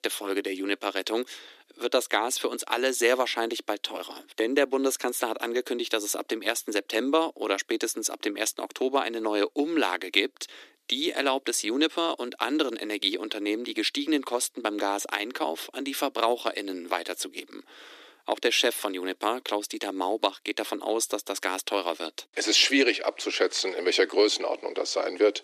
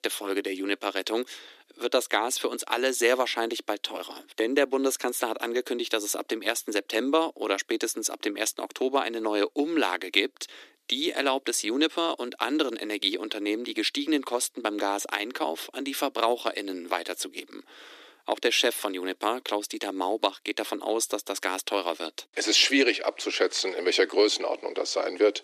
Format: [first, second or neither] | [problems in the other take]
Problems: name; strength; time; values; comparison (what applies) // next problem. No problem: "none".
neither | thin; somewhat; fading below 300 Hz; the same in both